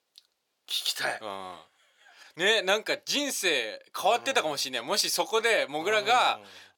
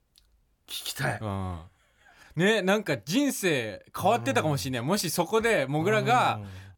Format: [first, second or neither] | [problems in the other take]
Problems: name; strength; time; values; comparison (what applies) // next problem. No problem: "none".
second | thin; somewhat; fading below 500 Hz